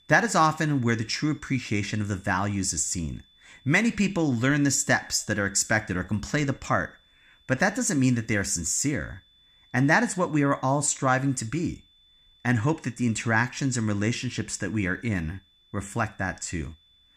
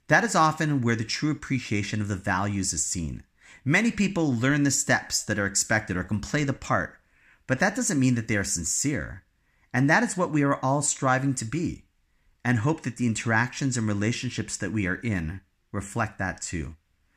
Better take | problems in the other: second | high-pitched whine; faint; throughout; 3.5 kHz, 35 dB below the speech

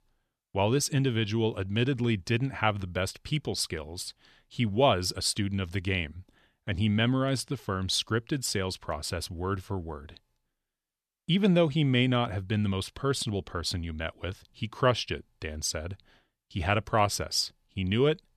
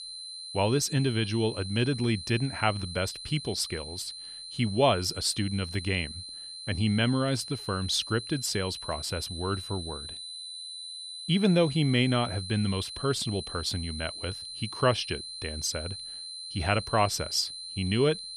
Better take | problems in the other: first | high-pitched whine; loud; throughout; 4 kHz, 9 dB below the speech

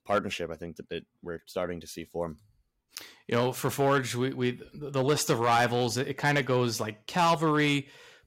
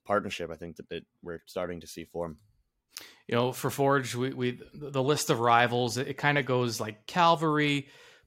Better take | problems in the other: second | distortion; slight; 2% of the sound clipped

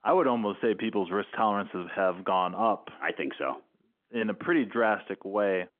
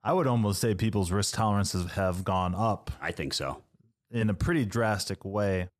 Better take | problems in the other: second | phone-call audio

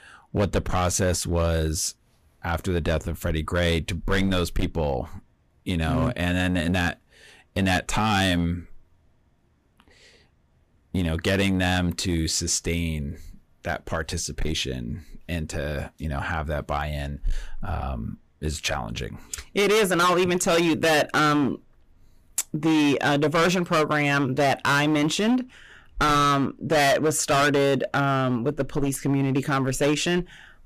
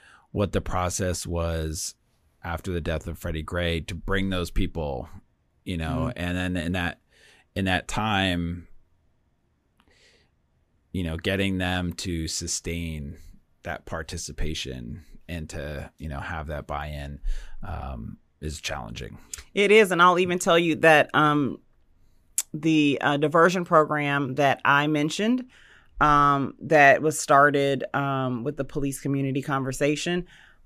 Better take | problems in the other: second | distortion; heavy; 10% of the sound clipped

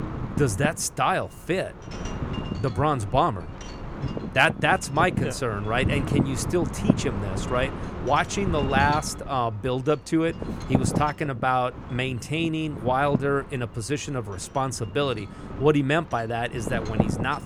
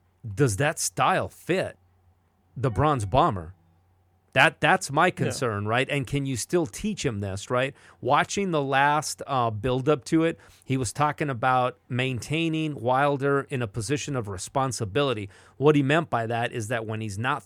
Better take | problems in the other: second | wind noise on the microphone; occasional gusts; 10 dB below the speech

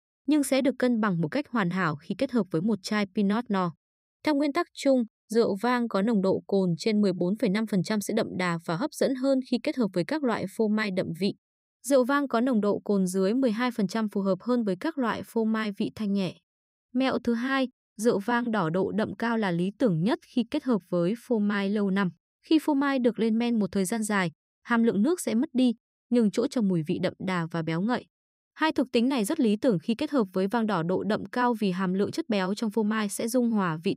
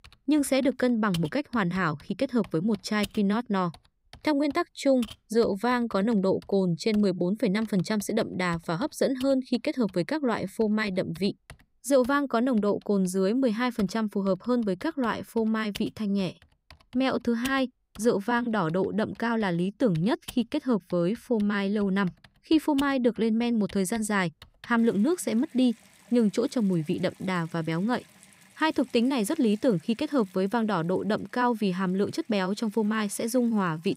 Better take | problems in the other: first | household noises; faint; throughout; 25 dB below the speech

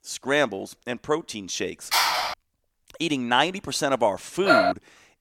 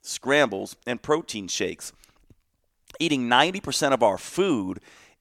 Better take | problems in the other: second | phone ringing; loud; at 2 s; peak 5 dB above the speech // dog barking; loud; at 4.5 s; peak 6 dB above the speech

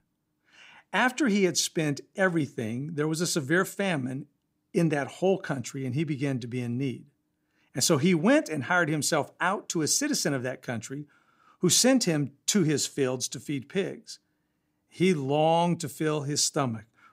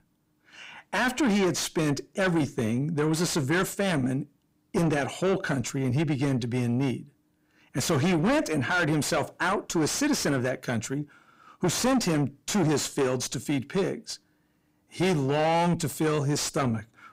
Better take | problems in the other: first | distortion; heavy; 5 dB below the speech

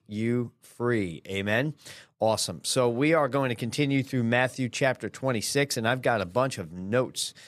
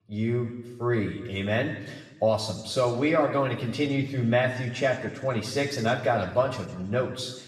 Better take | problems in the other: first | room echo; noticeable; dies away in 1.2 s // off-mic speech; far

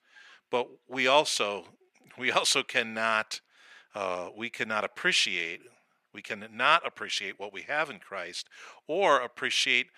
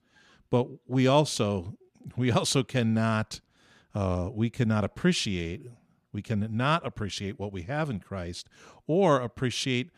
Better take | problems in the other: second | thin; very; fading below 550 Hz

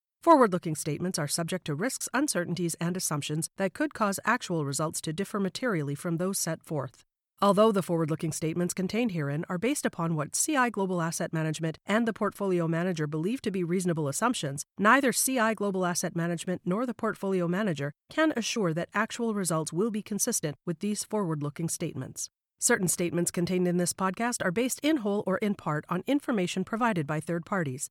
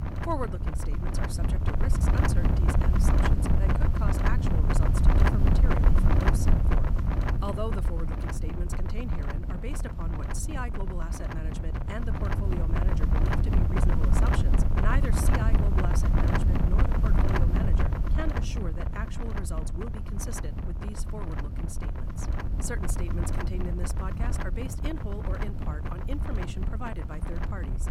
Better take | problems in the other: first | wind noise on the microphone; heavy; 3 dB above the speech

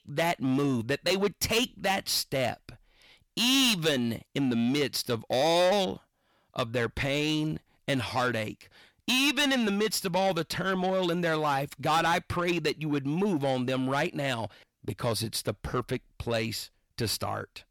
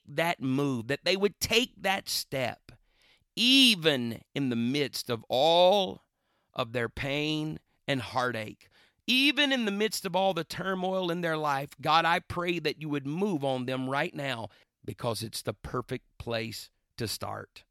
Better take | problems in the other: second | distortion; heavy; 8 dB below the speech

